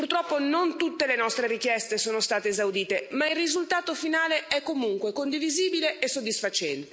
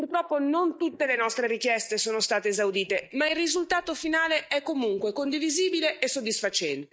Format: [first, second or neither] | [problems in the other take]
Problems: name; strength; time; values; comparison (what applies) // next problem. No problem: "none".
first | noise reduction (neural mask model DeepFilterNet 3)